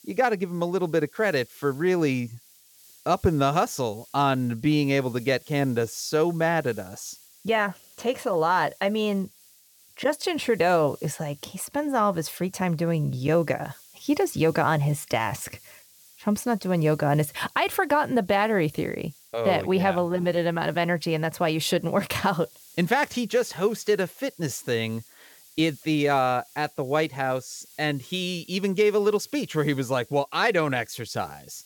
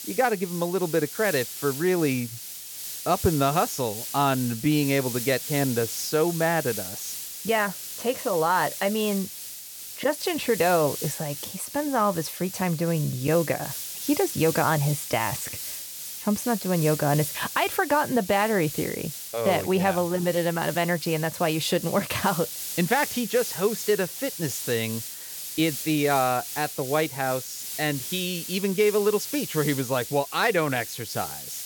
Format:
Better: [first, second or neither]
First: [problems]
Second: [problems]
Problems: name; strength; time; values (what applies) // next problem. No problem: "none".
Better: first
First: hiss; faint; throughout; 25 dB below the speech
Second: hiss; loud; throughout; 7 dB below the speech